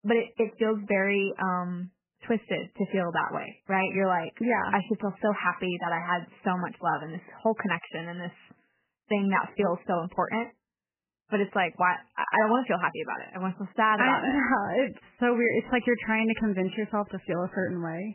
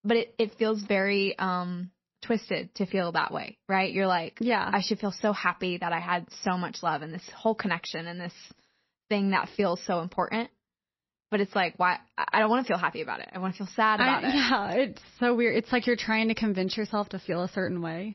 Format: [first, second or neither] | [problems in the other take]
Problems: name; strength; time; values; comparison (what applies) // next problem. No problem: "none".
second | garbled, watery; badly; nothing above 3 kHz; slightly in the second